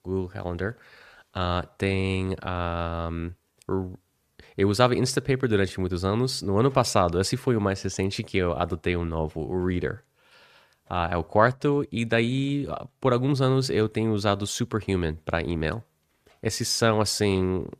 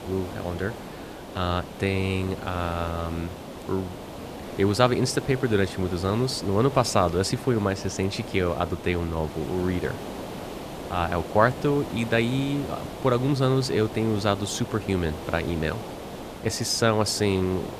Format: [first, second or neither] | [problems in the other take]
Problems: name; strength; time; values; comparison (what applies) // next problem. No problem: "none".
first | hiss; noticeable; throughout; 10 dB below the speech